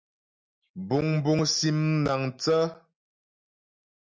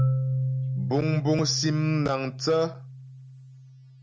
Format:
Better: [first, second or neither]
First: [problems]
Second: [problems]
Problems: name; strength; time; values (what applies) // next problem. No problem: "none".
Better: first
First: none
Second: background sound (Marimba, xylophone); 2 dB below the speech